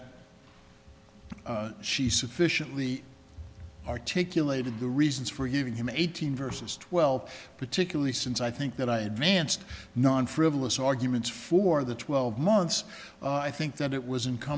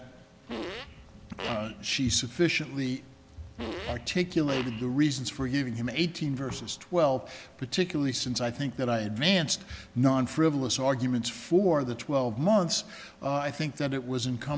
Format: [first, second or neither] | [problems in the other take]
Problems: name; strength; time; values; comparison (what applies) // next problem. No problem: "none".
first | background sound (Fart); 11 dB below the speech